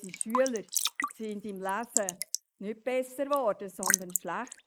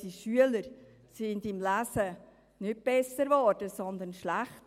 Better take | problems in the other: second | noise reduction (neural mask model Resemble Enhance denoiser)

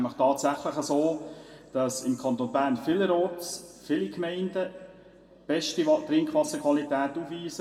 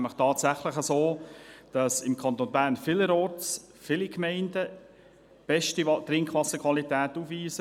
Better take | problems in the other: second | room echo; dies away in 1.2 s

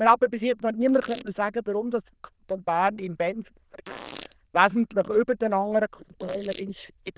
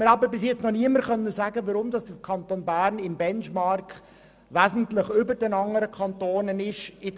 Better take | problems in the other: second | noise reduction (neural diffusion model UNIVERSE++)

